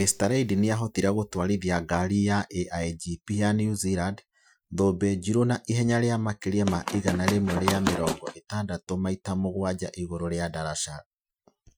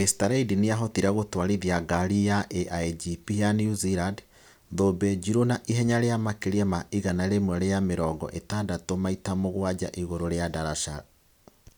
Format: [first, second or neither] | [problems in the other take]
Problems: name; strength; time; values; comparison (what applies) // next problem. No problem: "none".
second | noise reduction (classical method Wiener filter)